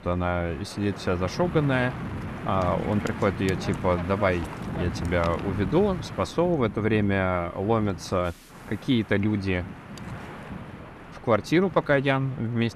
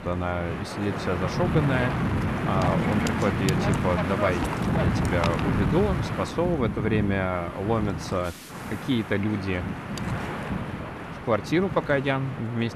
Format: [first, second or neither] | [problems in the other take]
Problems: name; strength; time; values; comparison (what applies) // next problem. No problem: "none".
first | wind noise on the microphone; heavy; 3 dB below the speech; occasional gusts in the first